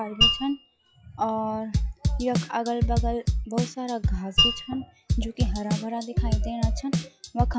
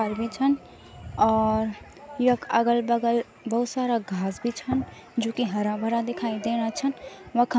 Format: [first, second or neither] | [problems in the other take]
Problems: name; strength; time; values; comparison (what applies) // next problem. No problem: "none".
second | noise reduction (classical method log-MMSE)